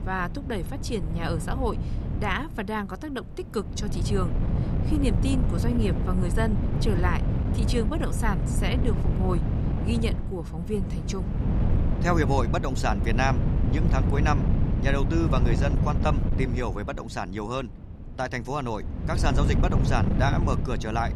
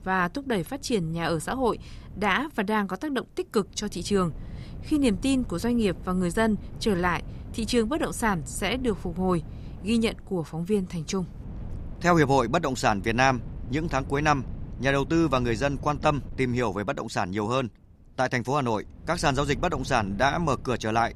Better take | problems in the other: second | wind noise on the microphone; heavy; 6 dB below the speech; occasional gusts in the second

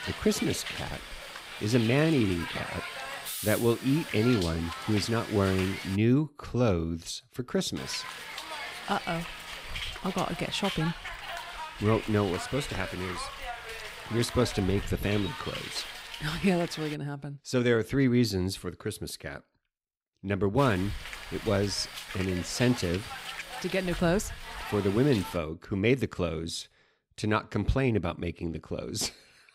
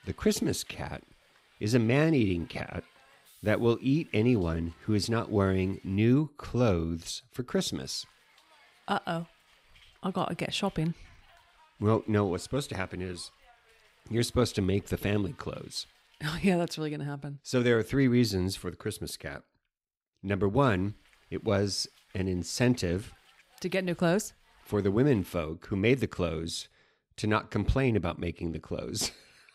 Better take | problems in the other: second | hiss; loud; until 6 s, from 8 to 17 s and from 21 to 25 s; 8 dB below the speech; faint in the second

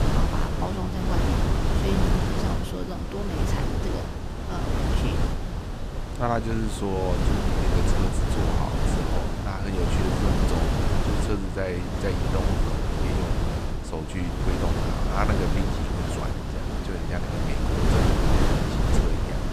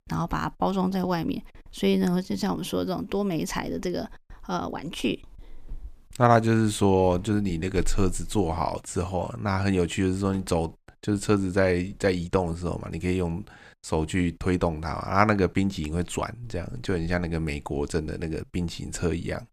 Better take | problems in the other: second | wind noise on the microphone; heavy; 3 dB above the speech

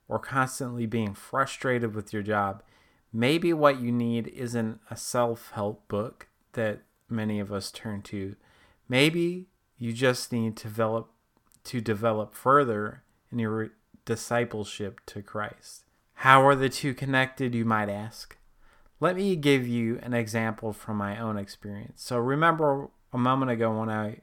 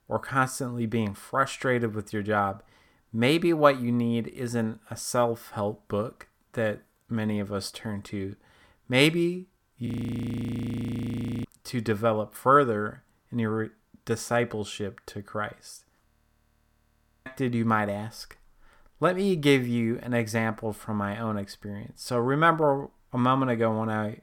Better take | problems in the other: first | audio freezing; at 10 s for 1.5 s and at 16 s for 1 s

